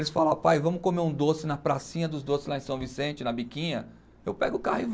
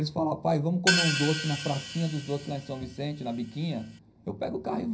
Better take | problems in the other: first | background sound (Hi-hat); 3 dB below the speech // room echo; dies away in 0.4 s

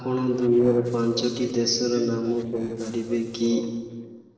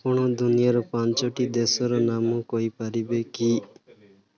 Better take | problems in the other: second | noise reduction (neural separator model SepFormer DNS4)

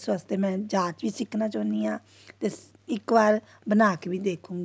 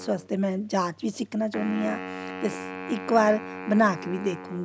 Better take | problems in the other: first | background sound (Wind instrument, woodwind instrument); 11 dB below the speech

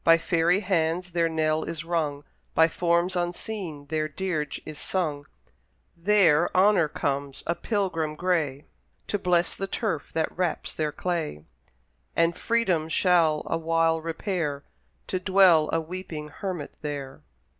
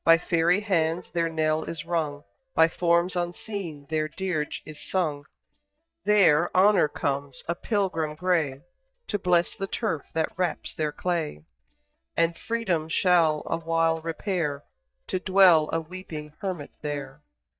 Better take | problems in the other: first | noise reduction (neural mask model DeepFilterNet 3)

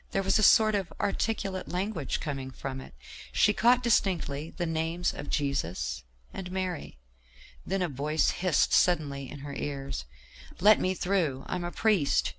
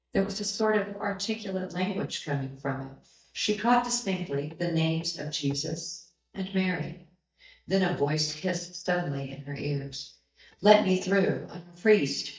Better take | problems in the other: first | noise reduction (neural mask model DeepFilterNet 3)

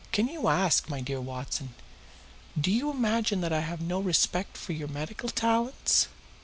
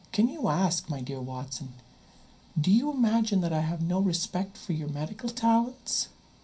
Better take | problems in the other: first | room echo; dies away in 0.3 s

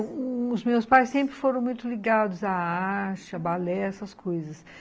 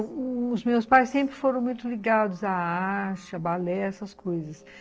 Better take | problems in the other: first | noise reduction (neural separator model SepFormer DNS4)

